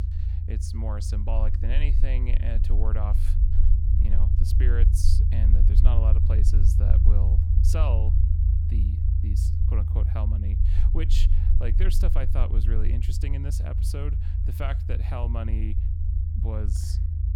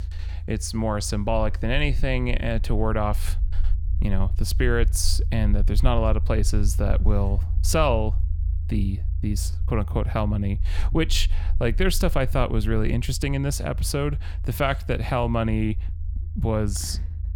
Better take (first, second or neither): second